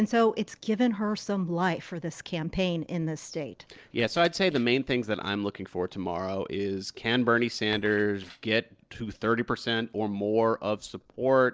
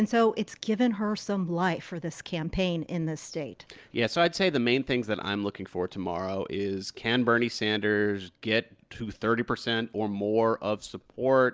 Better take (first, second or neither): second